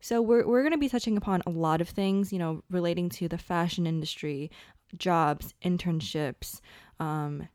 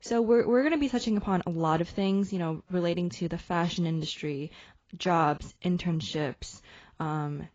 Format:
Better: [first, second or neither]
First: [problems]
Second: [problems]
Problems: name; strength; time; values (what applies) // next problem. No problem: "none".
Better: first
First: none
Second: garbled, watery; badly; nothing above 7.5 kHz